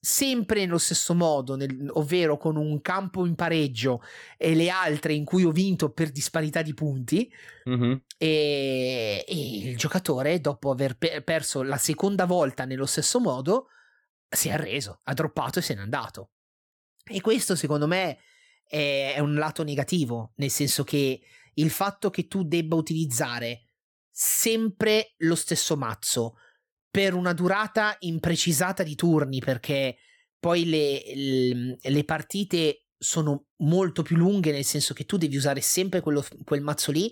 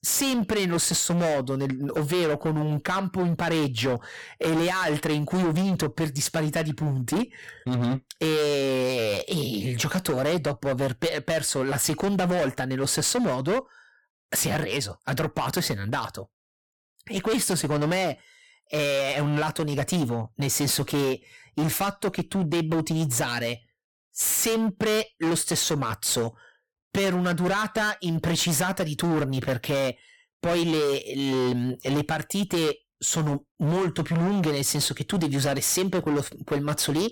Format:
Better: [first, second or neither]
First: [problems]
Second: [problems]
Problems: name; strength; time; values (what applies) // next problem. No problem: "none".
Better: first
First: none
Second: distortion; heavy; 21% of the sound clipped